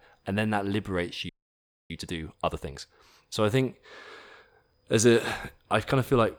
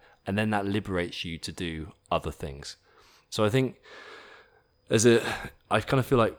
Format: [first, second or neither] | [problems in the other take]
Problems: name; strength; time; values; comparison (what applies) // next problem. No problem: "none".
second | audio freezing; at 1.5 s for 0.5 s